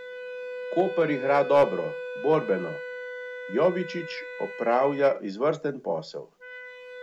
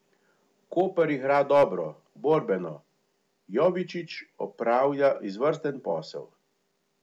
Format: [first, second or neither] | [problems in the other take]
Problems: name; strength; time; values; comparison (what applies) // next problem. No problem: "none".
second | background sound (Wind instrument, woodwind instrument); 10 dB below the speech